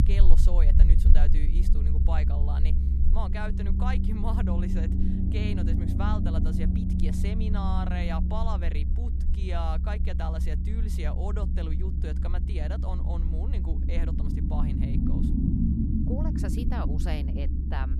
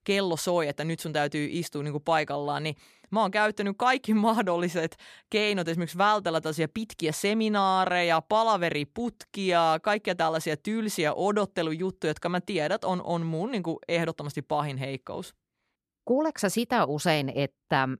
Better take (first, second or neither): second